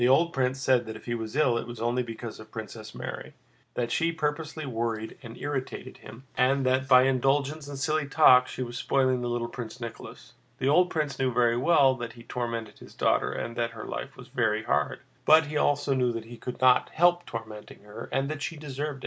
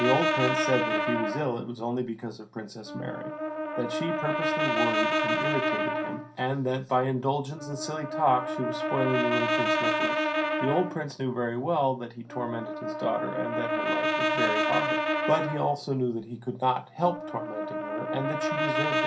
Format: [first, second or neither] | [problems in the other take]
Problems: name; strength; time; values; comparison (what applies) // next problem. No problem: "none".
first | background sound (Brass instrument); 1 dB above the speech // room echo; dies away in 0.3 s